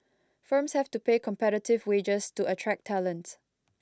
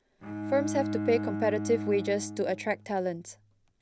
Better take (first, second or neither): first